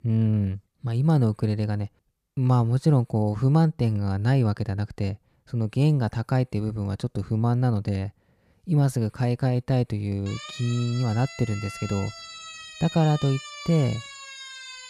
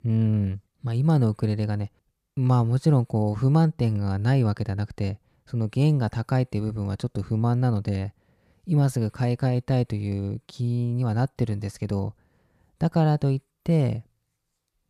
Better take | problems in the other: second | siren; faint; from 10 s on; peak 10 dB below the speech

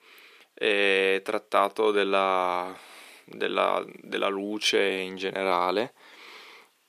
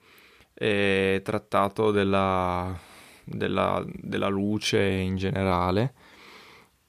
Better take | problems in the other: second | thin; somewhat; fading below 300 Hz

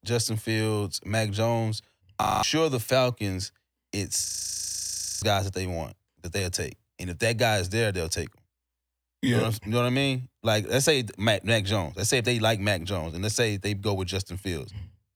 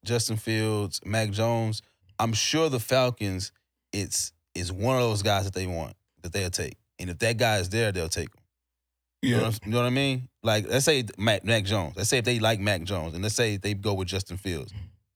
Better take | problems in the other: second | audio freezing; at 2 s and at 4.5 s for 1 s

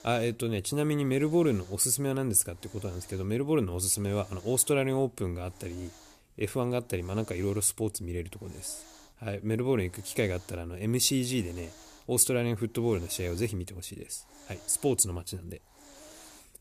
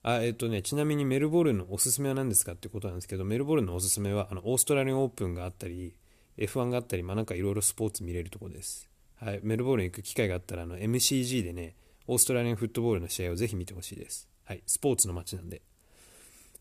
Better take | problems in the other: second | hiss; faint; throughout; 25 dB below the speech

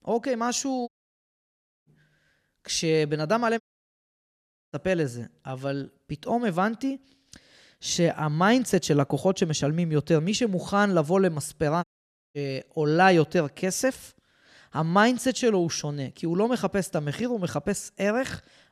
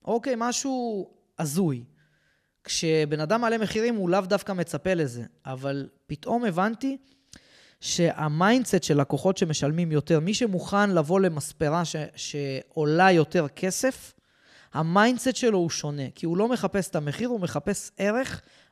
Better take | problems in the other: second | audio cutting out; at 1 s for 1 s, at 3.5 s for 1 s and at 12 s for 0.5 s

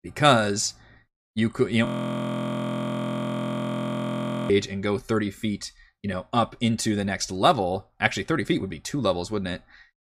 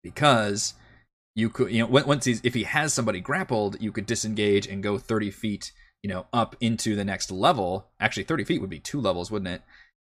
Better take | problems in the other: second | audio freezing; at 2 s for 2.5 s

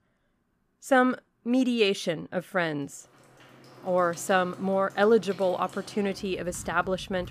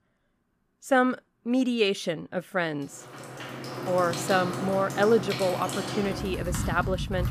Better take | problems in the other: first | household noises; loud; from 3.5 s on; 6 dB below the speech; faint in the first

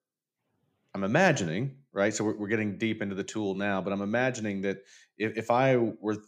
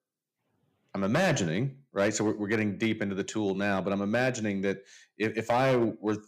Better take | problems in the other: first | distortion; slight; 4% of the sound clipped

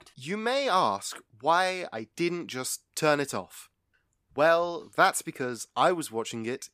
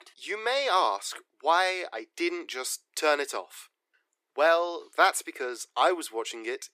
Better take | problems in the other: first | thin; very; fading below 350 Hz

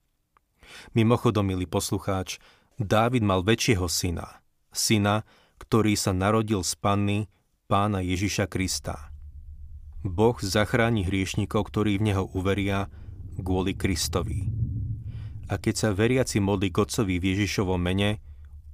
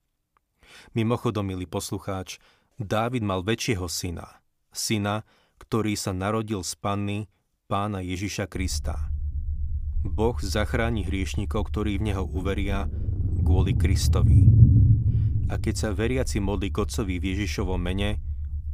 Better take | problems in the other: first | low rumble; loud; from 8.5 s on; 5 dB below the speech; faint in the first

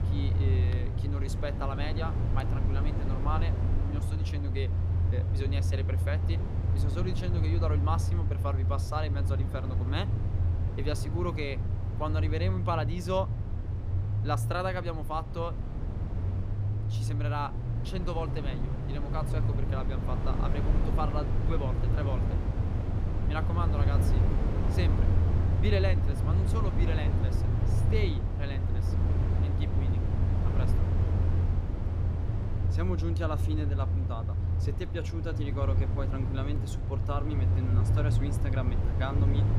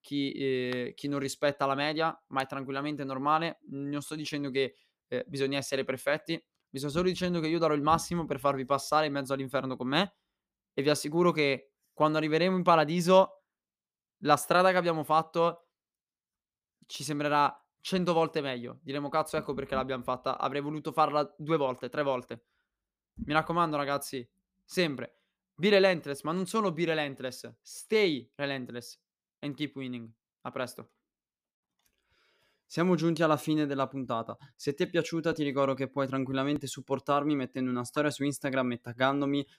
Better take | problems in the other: second | low rumble; loud; throughout; 4 dB below the speech

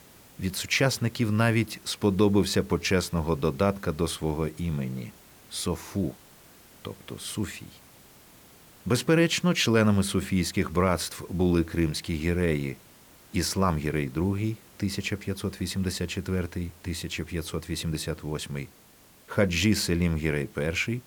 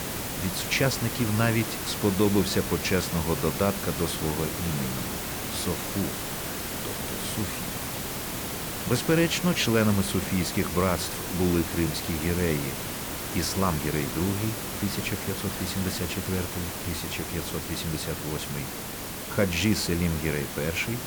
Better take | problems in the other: first | hiss; loud; throughout; 3 dB below the speech; faint in the first

